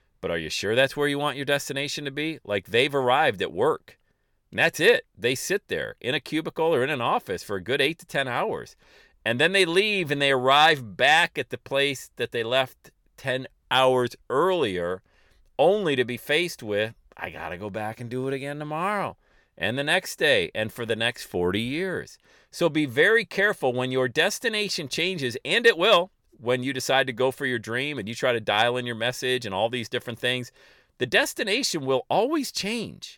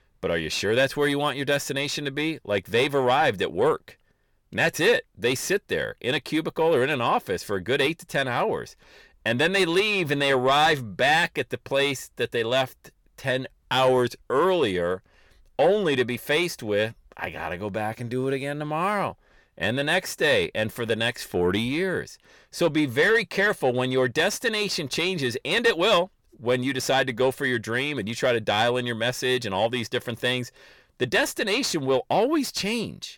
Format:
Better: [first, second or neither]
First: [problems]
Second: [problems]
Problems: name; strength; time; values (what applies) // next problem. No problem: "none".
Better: first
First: none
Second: distortion; slight; 10 dB below the speech